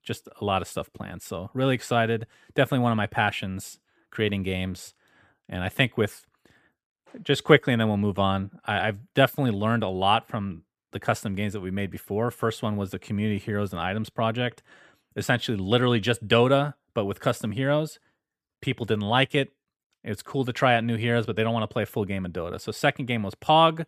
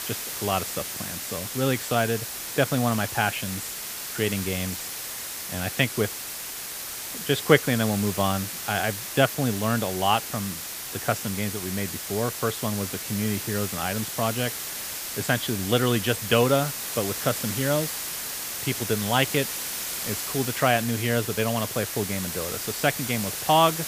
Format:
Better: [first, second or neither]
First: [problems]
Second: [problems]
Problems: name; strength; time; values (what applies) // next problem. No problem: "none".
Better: first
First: none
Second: hiss; loud; throughout; 4 dB below the speech